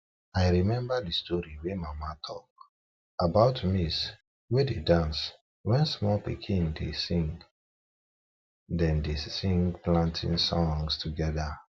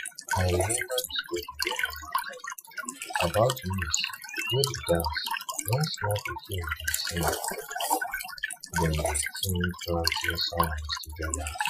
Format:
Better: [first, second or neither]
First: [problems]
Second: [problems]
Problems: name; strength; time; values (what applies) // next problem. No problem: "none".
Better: first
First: none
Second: noise reduction (classical method Wiener filter)